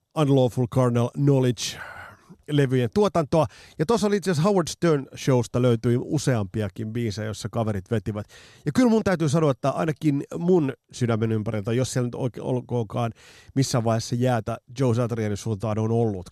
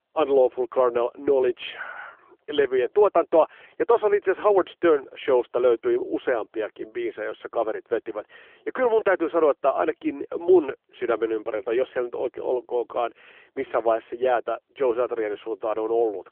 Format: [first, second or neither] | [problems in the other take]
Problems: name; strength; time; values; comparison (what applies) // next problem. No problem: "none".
first | phone-call audio; nothing above 3.5 kHz